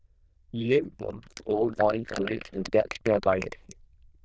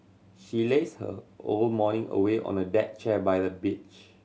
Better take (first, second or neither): second